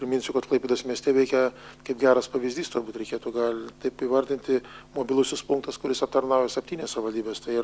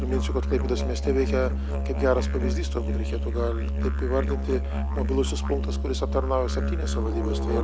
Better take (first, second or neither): first